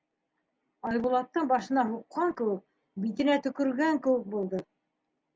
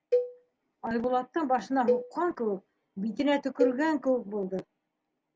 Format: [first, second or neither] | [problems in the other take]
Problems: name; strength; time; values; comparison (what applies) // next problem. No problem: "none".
first | background sound (Cowbell); 4 dB below the speech